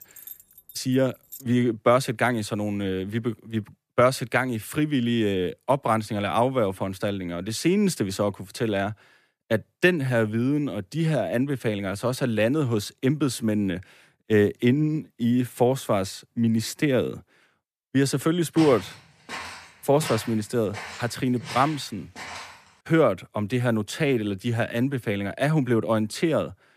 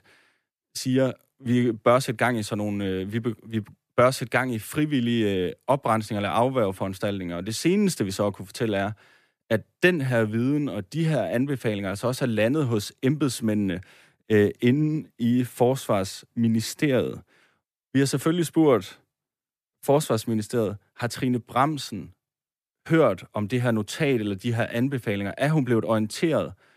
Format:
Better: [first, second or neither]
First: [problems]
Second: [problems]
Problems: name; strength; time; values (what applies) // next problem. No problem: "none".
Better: second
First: jangling keys; faint; until 1.5 s; peak 15 dB below the speech // footsteps; noticeable; from 19 to 23 s; peak 9 dB below the speech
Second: none